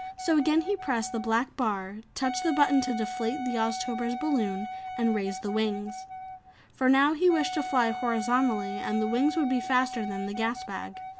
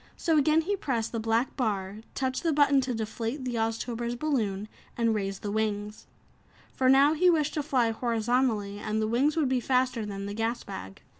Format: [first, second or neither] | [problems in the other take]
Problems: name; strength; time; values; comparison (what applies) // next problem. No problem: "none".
second | background sound (Wind instrument, woodwind instrument); 9 dB below the speech